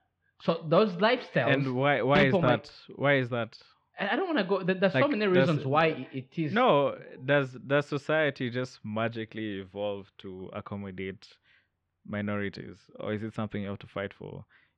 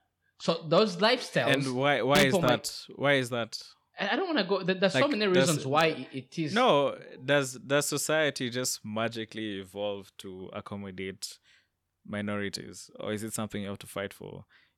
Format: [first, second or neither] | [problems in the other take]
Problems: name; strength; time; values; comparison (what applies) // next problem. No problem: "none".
second | muffled; slightly; fading above 3 kHz